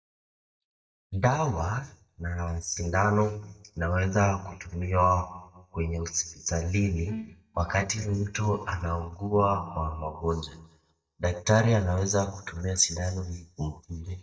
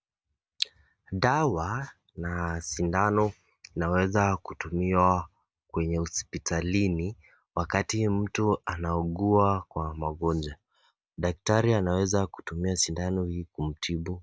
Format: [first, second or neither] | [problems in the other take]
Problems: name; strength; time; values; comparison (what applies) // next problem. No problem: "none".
second | noise reduction (neural mask model DeepFilterNet 3)